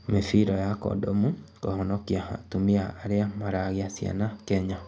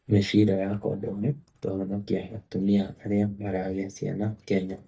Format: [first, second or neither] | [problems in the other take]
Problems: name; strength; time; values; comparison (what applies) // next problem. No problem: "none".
first | noise reduction (neural mask model DeepFilterNet 3)